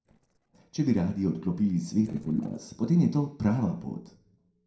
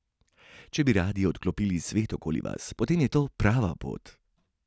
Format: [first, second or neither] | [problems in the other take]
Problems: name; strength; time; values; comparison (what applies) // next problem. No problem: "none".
second | noise reduction (neural separator model SepFormer DNS4)